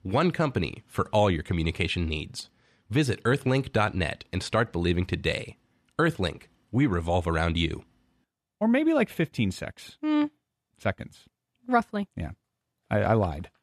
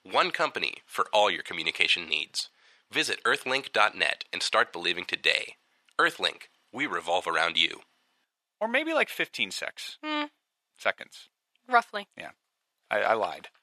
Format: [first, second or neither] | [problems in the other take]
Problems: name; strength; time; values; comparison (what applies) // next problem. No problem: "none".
first | thin; very; fading below 700 Hz